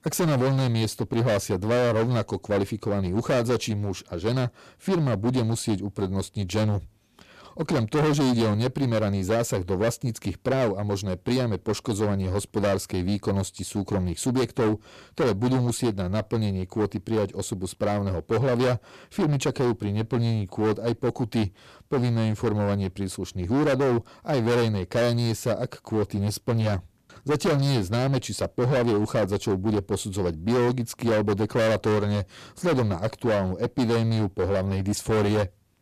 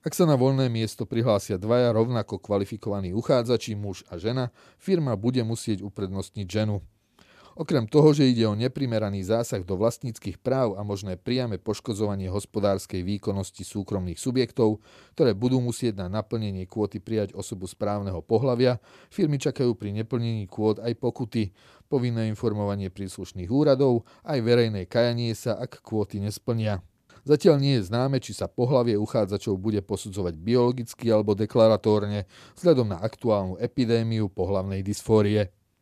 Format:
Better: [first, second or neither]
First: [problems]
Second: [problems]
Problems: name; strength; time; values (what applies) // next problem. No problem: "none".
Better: second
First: distortion; heavy; 17% of the sound clipped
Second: none